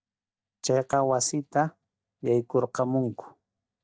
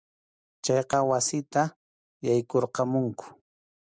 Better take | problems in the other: second | noise reduction (neural mask model DeepFilterNet 3)

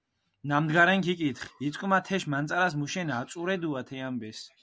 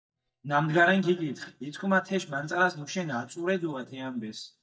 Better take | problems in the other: first | noise reduction (neural mask model DeepFilterNet 3)

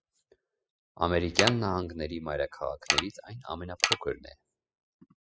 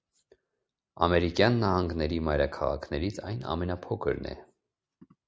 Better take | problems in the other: second | noise reduction (classical method spectral subtraction)

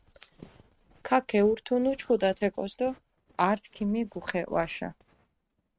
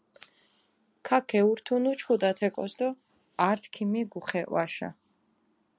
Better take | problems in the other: second | noise reduction (neural mask model RNNoise)

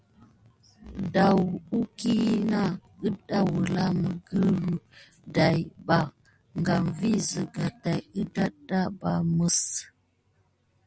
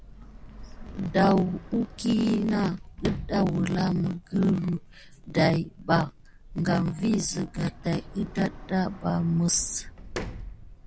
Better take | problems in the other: first | background sound (Sliding door); 14 dB below the speech

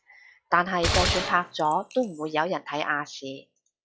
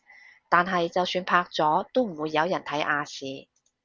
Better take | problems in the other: second | noise reduction (classical method log-MMSE)

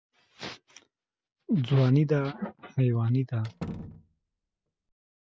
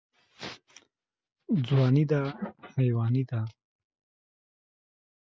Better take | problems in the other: second | background sound (Slam); 15 dB below the speech

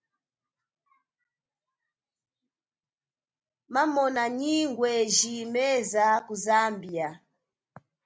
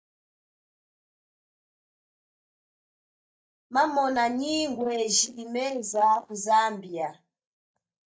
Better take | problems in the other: first | noise reduction (neural mask model DeepFilterNet 3)

